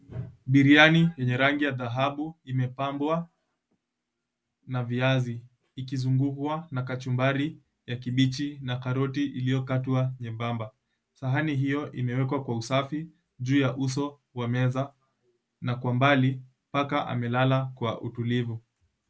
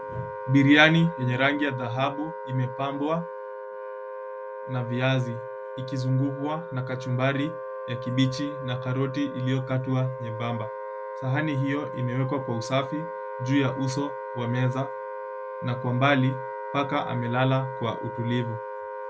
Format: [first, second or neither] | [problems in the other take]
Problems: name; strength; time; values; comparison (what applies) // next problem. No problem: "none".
first | background sound (Wind instrument, woodwind instrument); 8 dB below the speech